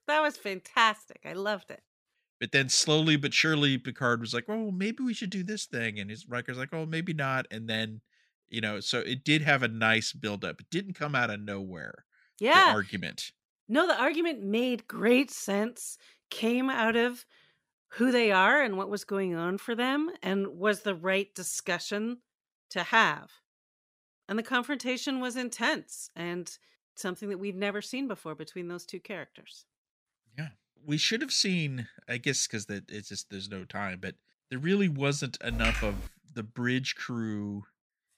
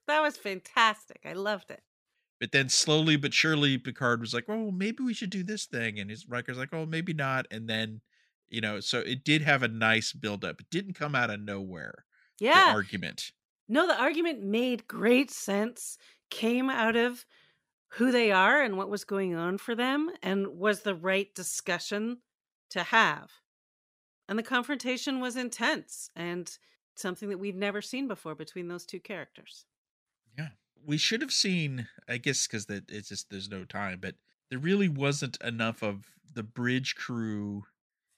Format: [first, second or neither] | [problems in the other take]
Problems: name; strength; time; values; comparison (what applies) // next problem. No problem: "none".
second | keyboard typing; noticeable; at 35 s; peak 2 dB below the speech